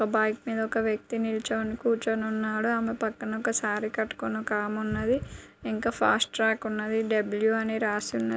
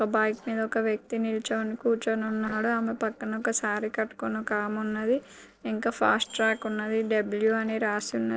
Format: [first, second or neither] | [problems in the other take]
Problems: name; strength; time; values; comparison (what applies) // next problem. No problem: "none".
first | noise reduction (neural separator model SepFormer DNS4)